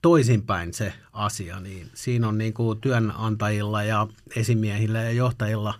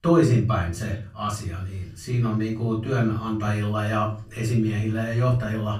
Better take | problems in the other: first | room echo; slight; dies away in 0.5 s // off-mic speech; far

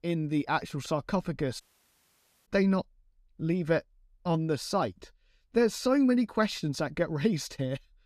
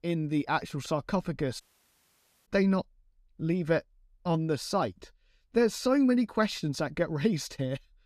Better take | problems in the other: neither | audio cutting out; at 1.5 s for 1 s; the same in both

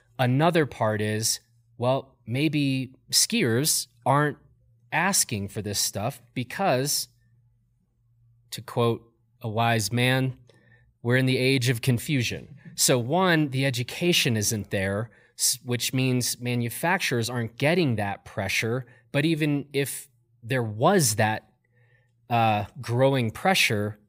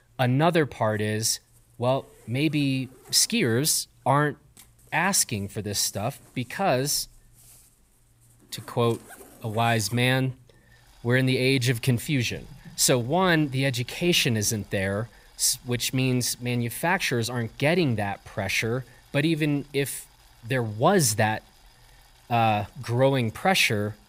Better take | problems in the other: first | household noises; faint; throughout; 30 dB below the speech

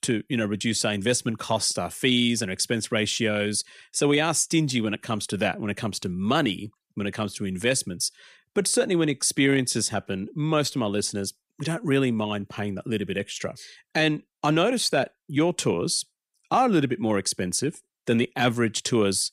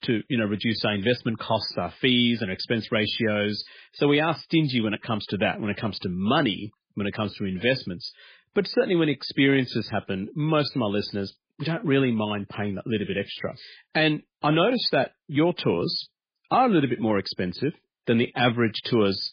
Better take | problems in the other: first | garbled, watery; badly

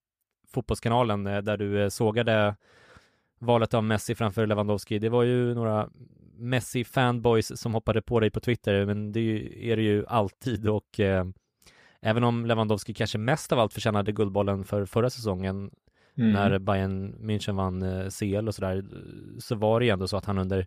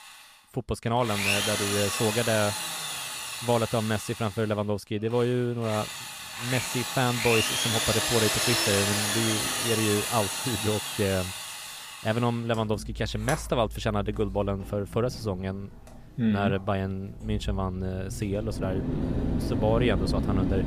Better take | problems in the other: first | machinery noise; very loud; throughout; as loud as the speech

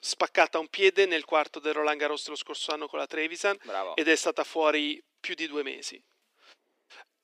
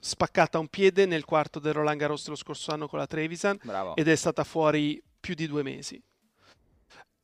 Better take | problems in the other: second | thin; somewhat; fading below 300 Hz

